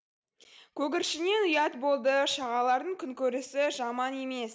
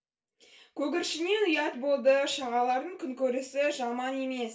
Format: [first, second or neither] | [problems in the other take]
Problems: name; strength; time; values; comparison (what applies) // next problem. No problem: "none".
first | room echo; dies away in 0.2 s